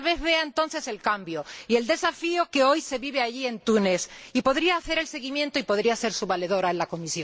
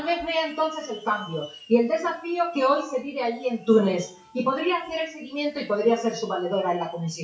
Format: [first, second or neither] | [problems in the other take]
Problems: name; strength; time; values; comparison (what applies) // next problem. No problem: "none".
first | noise reduction (classical method WPE with log-MMSE)